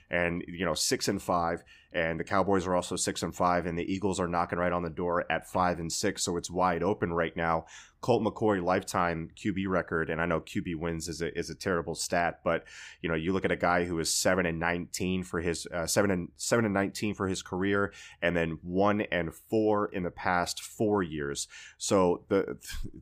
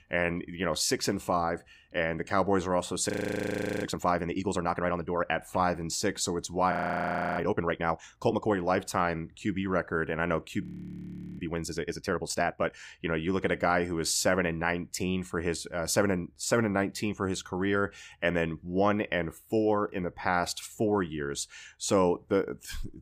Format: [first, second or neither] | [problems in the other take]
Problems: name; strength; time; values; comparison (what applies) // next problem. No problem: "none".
first | audio freezing; at 3 s for 0.5 s, at 6.5 s for 0.5 s and at 11 s for 1 s